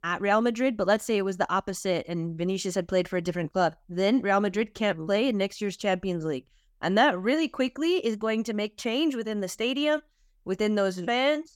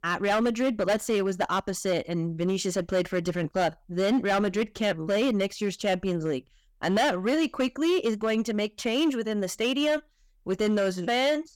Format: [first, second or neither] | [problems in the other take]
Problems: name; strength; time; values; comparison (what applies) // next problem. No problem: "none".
first | distortion; slight; 9% of the sound clipped